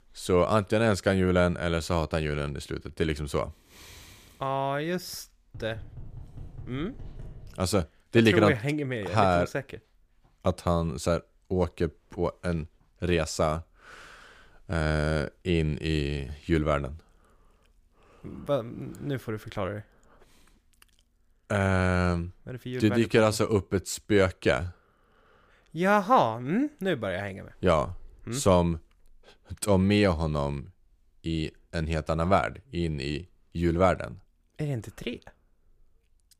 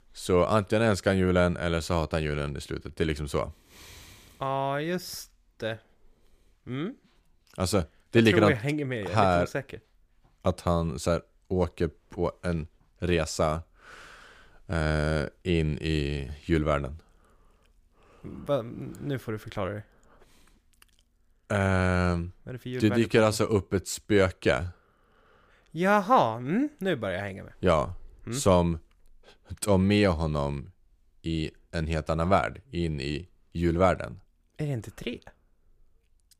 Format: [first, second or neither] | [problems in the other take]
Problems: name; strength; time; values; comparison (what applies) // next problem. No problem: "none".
second | door banging; faint; from 5.5 to 7.5 s; peak 15 dB below the speech